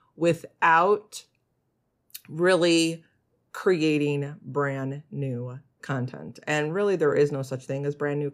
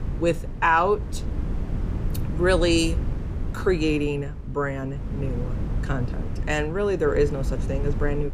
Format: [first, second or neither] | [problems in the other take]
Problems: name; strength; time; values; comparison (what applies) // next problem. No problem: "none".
first | wind noise on the microphone; occasional gusts; 15 dB below the speech